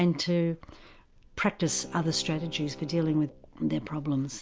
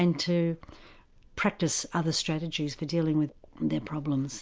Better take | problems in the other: second | background sound (Bowed string instrument); 18 dB below the speech

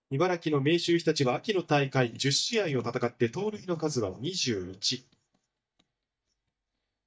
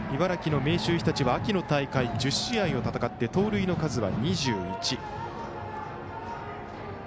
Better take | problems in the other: second | noise reduction (neural mask model DeepFilterNet 3)

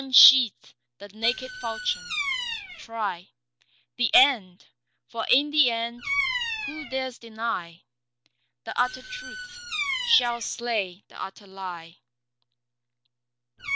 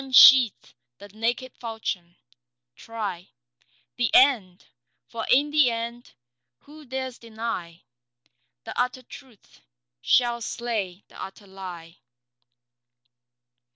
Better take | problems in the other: second | background sound (Bird vocalization, bird call, bird song); 8 dB below the speech

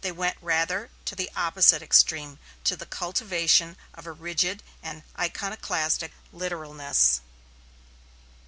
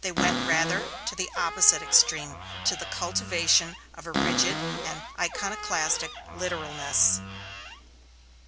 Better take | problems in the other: first | background sound (Cupboard open or close); 5 dB below the speech

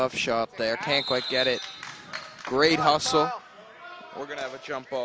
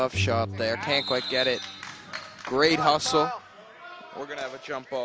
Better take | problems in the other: first | background sound (Bowed string instrument); 10 dB below the speech

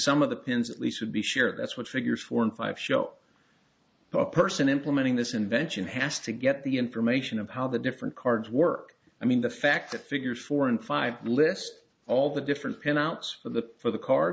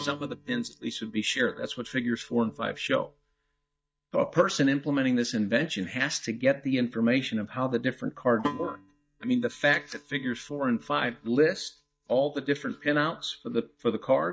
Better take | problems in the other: first | noise reduction (neural mask model DeepFilterNet 3)

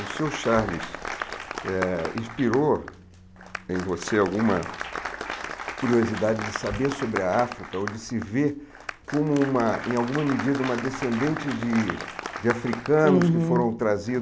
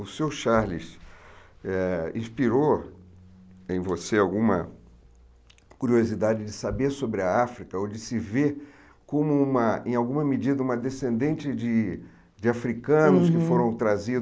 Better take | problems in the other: second | background sound (Applause); 10 dB below the speech

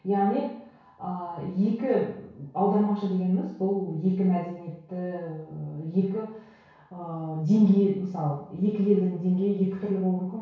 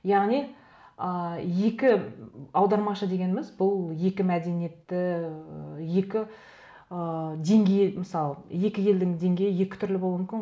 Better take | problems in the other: second | room echo; dies away in 0.6 s

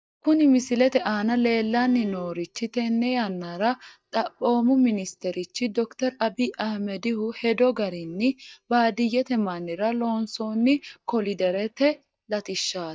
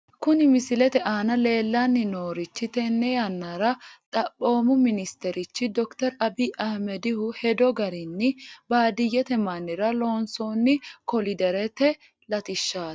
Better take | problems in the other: second | noise reduction (neural mask model DeepFilterNet 3)

